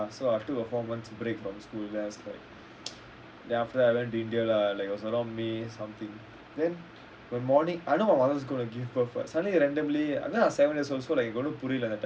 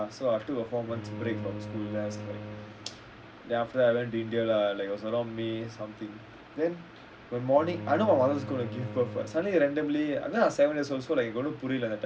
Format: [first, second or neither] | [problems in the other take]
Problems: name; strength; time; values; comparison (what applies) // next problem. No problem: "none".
first | background sound (Bowed string instrument); 12 dB below the speech